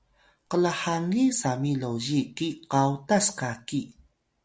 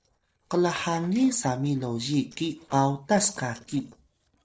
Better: first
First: none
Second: noise reduction (neural separator model SepFormer DNS4)

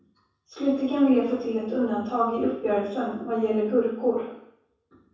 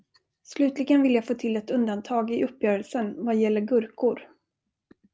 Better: second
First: room echo; dies away in 0.7 s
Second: none

